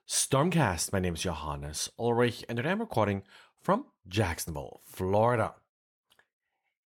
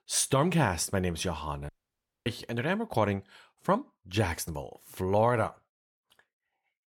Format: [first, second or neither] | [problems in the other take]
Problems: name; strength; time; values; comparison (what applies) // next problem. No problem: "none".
first | audio cutting out; at 1.5 s for 0.5 s